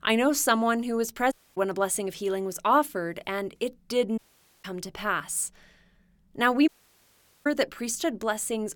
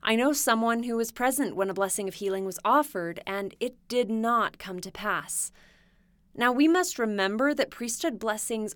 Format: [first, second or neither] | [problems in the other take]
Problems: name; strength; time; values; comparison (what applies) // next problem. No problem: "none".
second | audio cutting out; at 1.5 s, at 4 s and at 6.5 s for 1 s